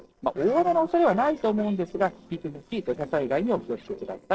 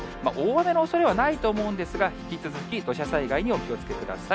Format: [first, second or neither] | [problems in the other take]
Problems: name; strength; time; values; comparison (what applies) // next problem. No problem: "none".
second | noise reduction (neural separator model SepFormer DNS4)